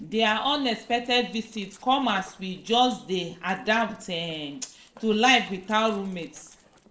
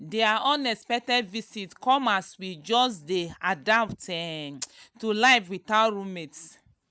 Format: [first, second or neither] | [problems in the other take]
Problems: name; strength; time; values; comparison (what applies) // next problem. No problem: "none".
second | noise reduction (neural separator model SepFormer DNS4)